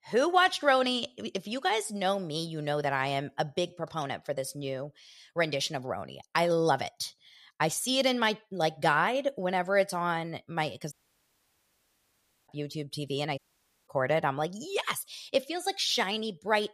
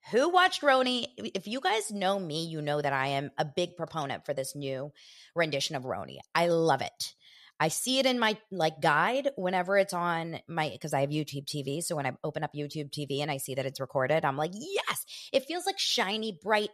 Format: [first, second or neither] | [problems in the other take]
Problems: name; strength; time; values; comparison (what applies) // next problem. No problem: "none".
second | audio cutting out; at 11 s for 1.5 s and at 13 s for 0.5 s